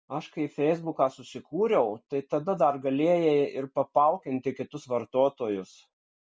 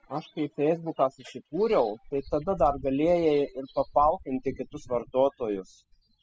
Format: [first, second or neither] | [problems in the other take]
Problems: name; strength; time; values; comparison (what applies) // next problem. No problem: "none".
first | noise reduction (classical method spectral subtraction)